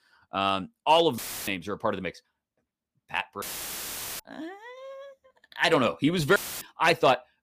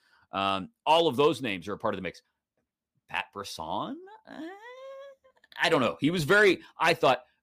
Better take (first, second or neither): second